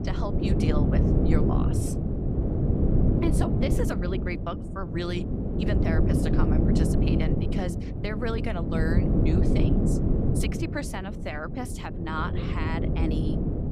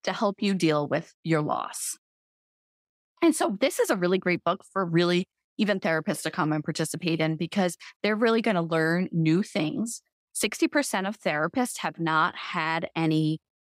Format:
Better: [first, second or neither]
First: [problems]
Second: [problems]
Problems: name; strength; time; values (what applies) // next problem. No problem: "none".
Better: second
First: wind noise on the microphone; heavy; 1 dB above the speech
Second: none